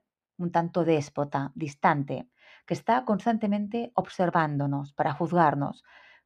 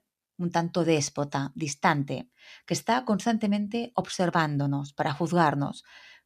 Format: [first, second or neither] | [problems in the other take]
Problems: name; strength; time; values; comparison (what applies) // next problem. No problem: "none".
second | muffled; very; fading above 3.5 kHz